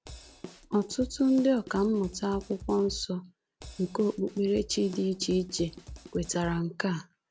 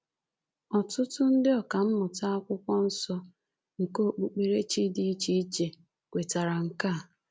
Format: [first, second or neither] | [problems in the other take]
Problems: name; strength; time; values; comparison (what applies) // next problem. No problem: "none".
second | background sound (Drum kit); 16 dB below the speech